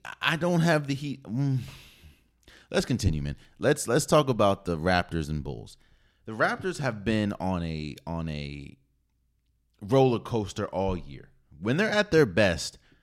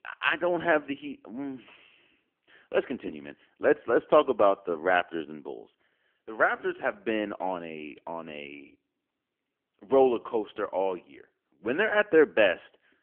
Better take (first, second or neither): first